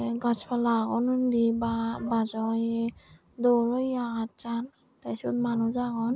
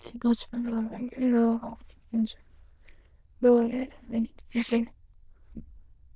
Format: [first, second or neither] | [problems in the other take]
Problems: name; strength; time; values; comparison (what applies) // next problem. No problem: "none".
first | noise reduction (neural diffusion model UNIVERSE++)